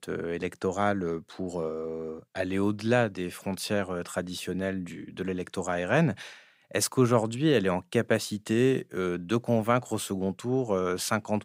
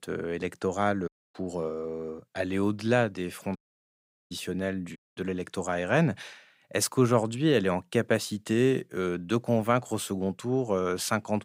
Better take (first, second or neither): first